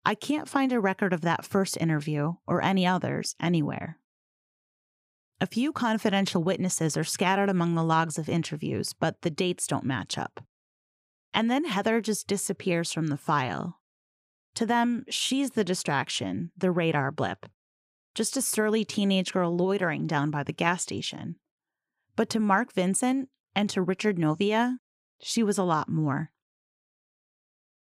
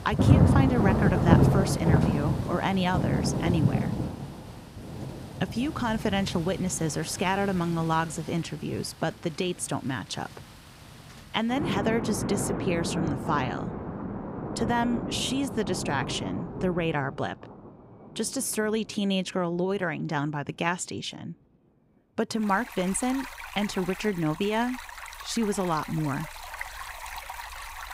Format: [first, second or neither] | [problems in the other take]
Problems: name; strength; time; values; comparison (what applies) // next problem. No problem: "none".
first | rain or running water; loud; throughout; as loud as the speech